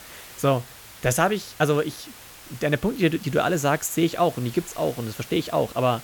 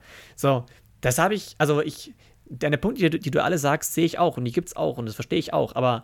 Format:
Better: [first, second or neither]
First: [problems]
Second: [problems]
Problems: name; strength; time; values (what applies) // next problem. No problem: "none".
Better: second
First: hiss; noticeable; throughout; 20 dB below the speech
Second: none